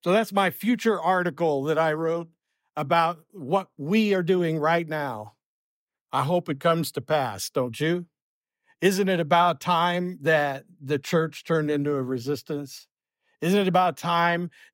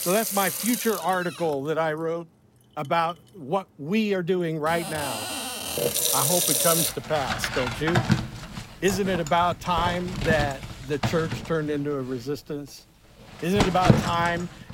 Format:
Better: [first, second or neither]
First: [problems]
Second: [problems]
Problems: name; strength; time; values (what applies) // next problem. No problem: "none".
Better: first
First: none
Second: household noises; very loud; throughout; as loud as the speech